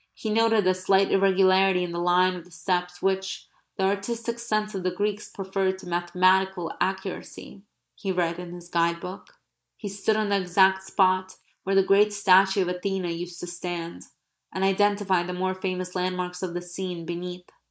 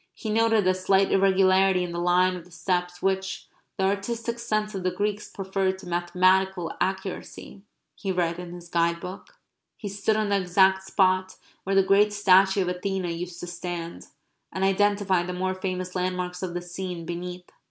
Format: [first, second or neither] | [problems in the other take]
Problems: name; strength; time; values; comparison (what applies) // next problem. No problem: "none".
second | noise reduction (neural mask model Resemble Enhance denoiser)